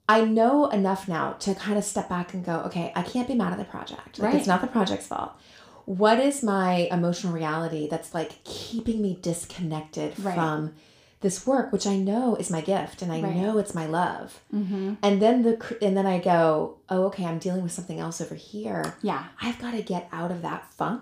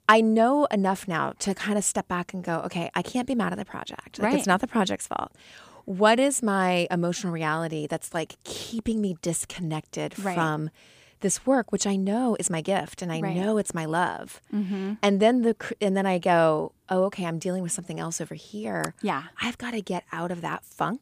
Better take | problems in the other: second | room echo; very slight; dies away in 0.3 s

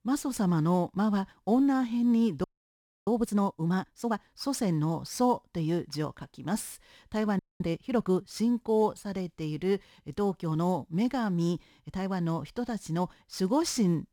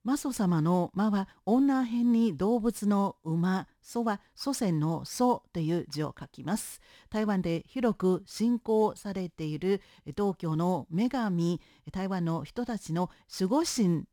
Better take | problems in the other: second | audio freezing; at 2.5 s for 0.5 s and at 7.5 s

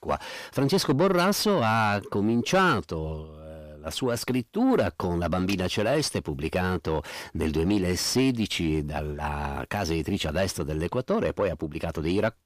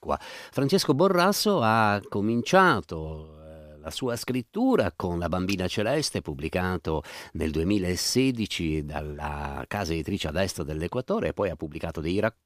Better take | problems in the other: second | distortion; slight; 10 dB below the speech

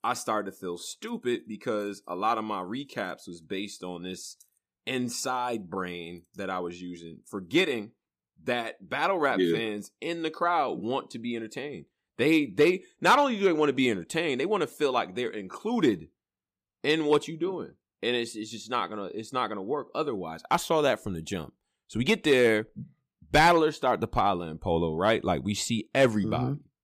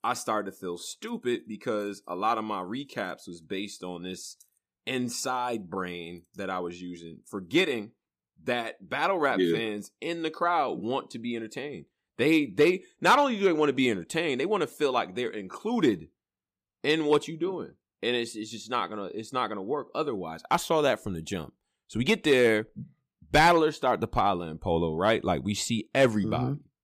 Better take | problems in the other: neither | none

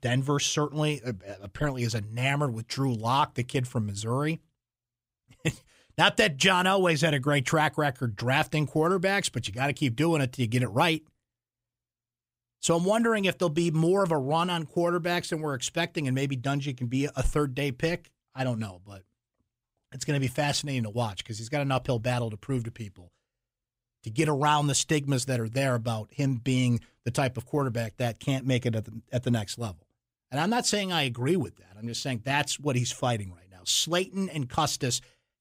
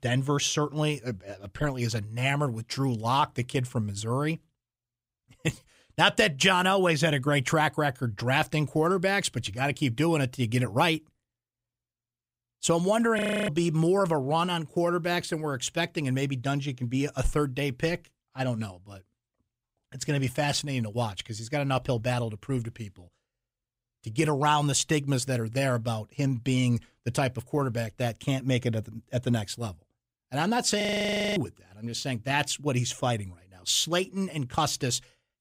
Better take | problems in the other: first | audio freezing; at 13 s and at 31 s for 0.5 s

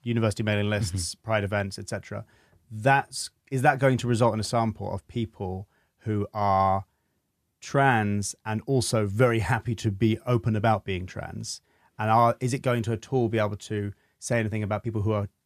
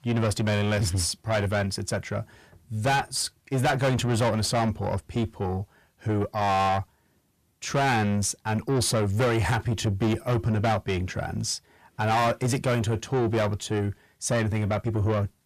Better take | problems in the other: first | distortion; heavy; 6 dB below the speech

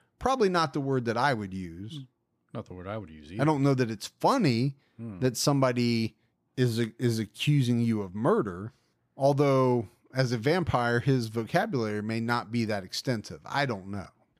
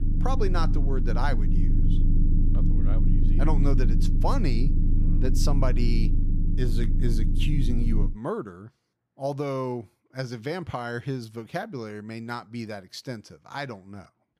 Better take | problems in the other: first | low rumble; loud; until 8 s; 5 dB below the speech

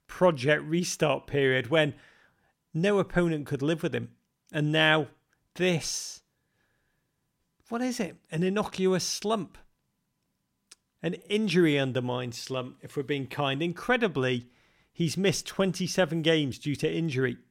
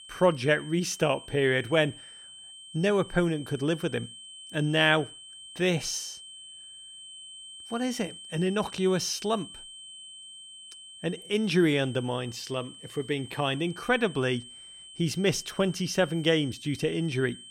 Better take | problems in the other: first | high-pitched whine; noticeable; throughout; 3 kHz, 15 dB below the speech

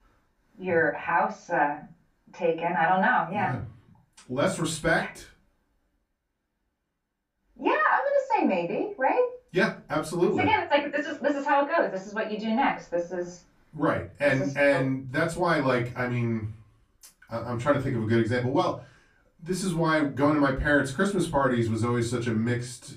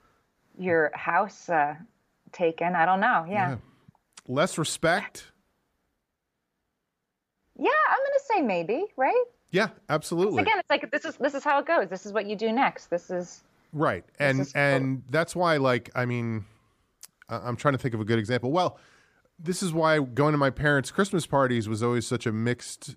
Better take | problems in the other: second | off-mic speech; far // room echo; very slight; dies away in 0.3 s

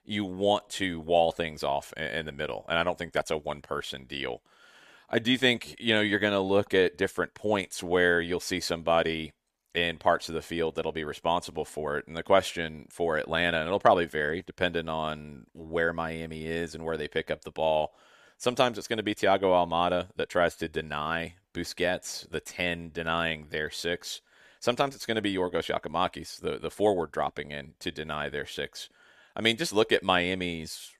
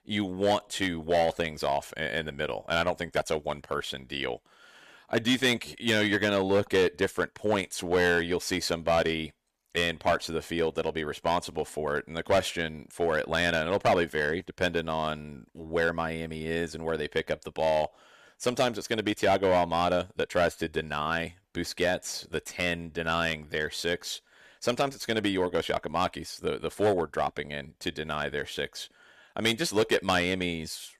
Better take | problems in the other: first | distortion; slight; 3% of the sound clipped

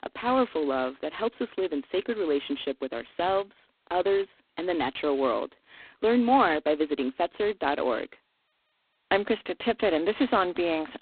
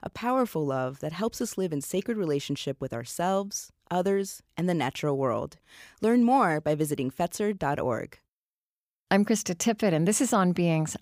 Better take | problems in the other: second | phone-call audio; poor line; nothing above 4 kHz

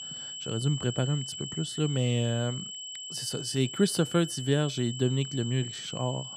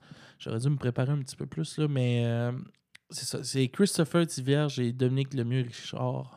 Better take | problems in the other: second | high-pitched whine; loud; throughout; 3 kHz, 8 dB below the speech

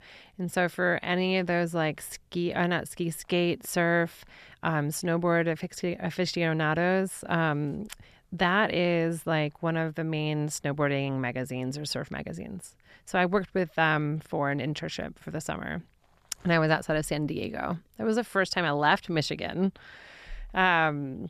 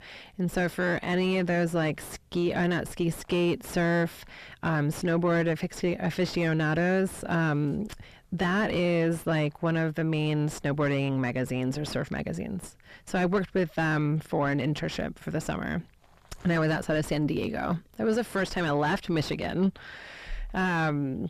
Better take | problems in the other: first | distortion; heavy; 6 dB below the speech

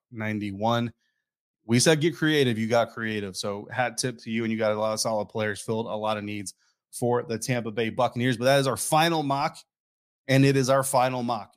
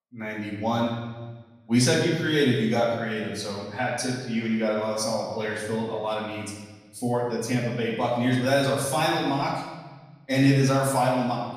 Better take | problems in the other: first | off-mic speech; far // room echo; noticeable; dies away in 1.2 s

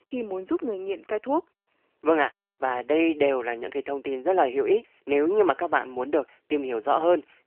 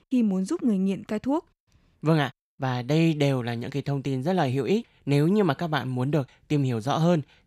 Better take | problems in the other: second | phone-call audio; nothing above 3 kHz

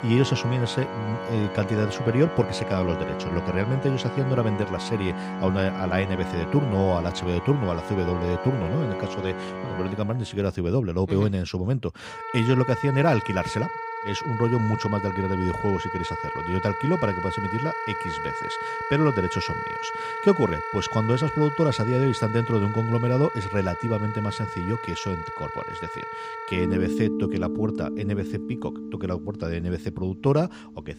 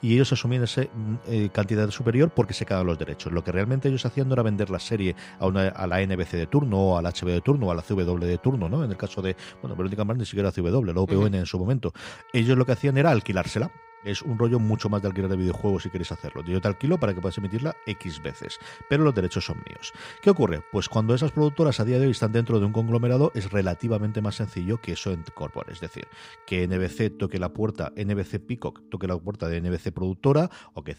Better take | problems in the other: second | background music; loud; throughout; 6 dB below the speech; faint in the second

